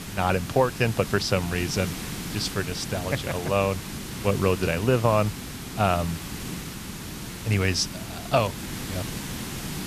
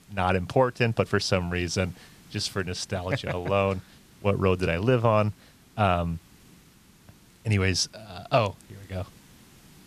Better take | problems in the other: second | hiss; loud; throughout; 9 dB below the speech; faint in the second

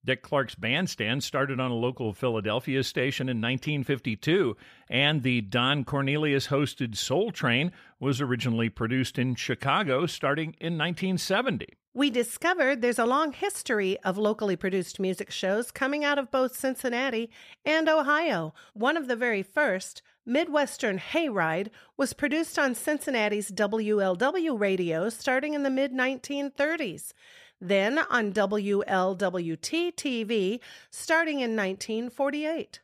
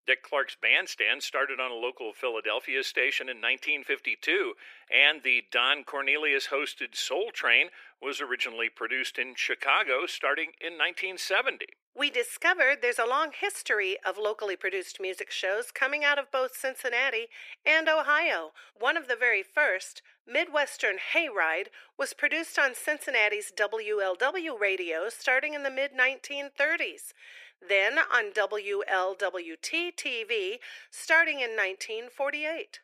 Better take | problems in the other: first | thin; very; fading below 350 Hz

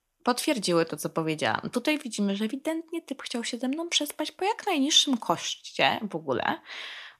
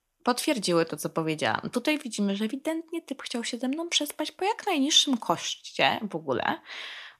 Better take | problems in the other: neither | none

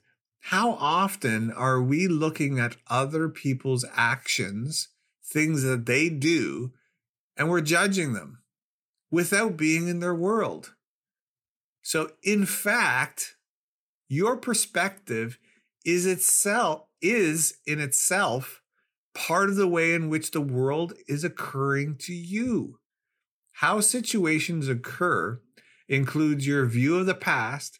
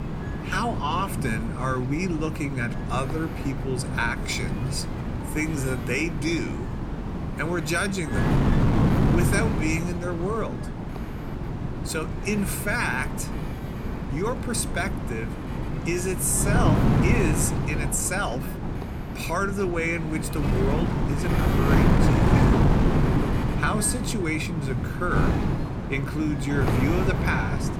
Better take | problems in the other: first | wind noise on the microphone; heavy; 3 dB below the speech

